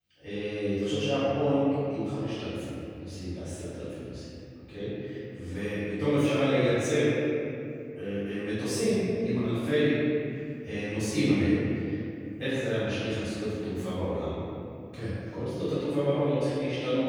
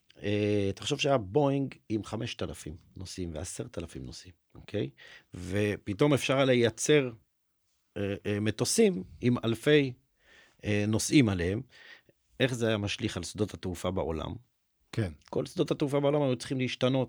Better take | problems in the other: second | room echo; strong; dies away in 2.5 s // off-mic speech; far

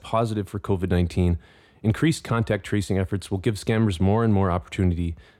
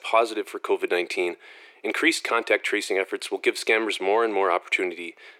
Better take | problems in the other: first | thin; very; fading below 350 Hz

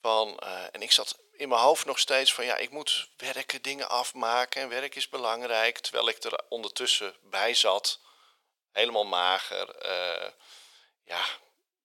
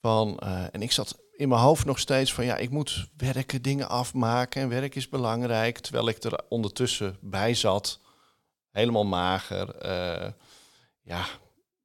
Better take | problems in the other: second | thin; very; fading below 500 Hz

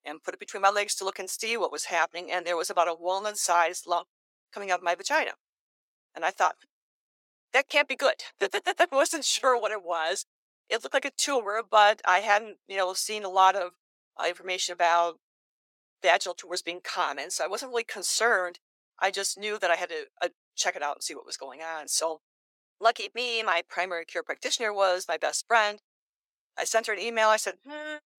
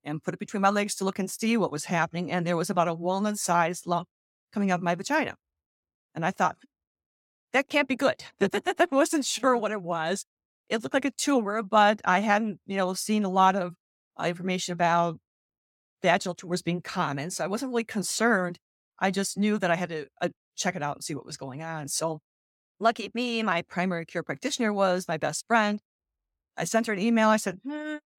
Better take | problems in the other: second | thin; very; fading below 400 Hz

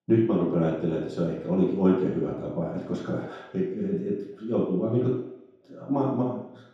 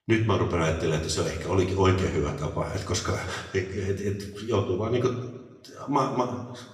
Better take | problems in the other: second | room echo; strong; dies away in 0.8 s; slight in the second // off-mic speech; far; somewhat distant in the second

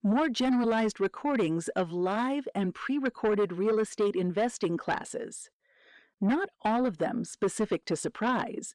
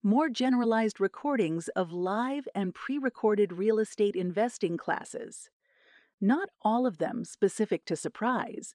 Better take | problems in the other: second | distortion; slight; 10 dB below the speech

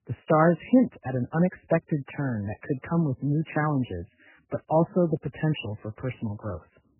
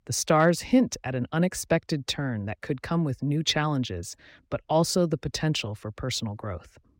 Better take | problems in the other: second | garbled, watery; badly; nothing above 3 kHz

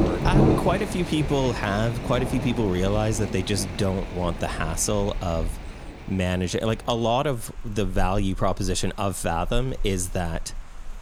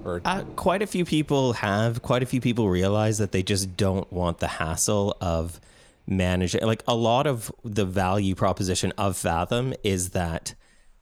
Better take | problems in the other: second | rain or running water; loud; throughout; 4 dB below the speech; faint in the second

